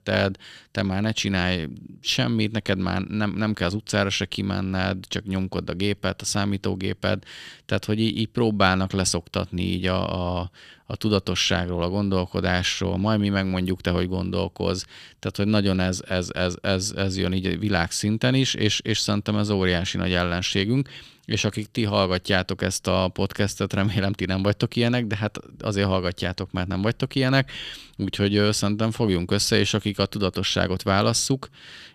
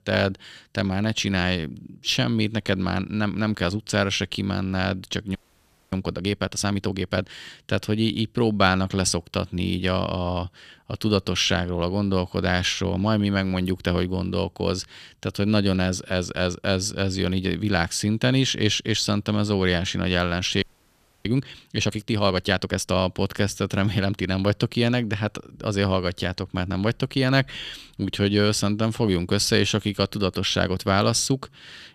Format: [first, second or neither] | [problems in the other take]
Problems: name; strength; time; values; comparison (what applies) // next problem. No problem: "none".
first | audio freezing; at 5.5 s for 0.5 s and at 21 s for 0.5 s